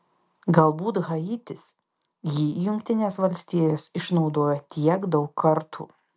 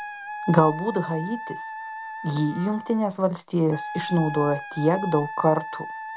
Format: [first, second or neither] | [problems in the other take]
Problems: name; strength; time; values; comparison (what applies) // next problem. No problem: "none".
first | background sound (Wind instrument, woodwind instrument); 10 dB below the speech